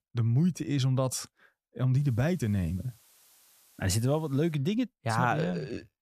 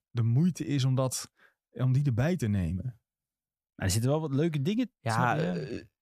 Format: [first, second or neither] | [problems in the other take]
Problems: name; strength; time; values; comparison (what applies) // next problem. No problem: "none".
second | hiss; faint; from 2 to 4.5 s; 30 dB below the speech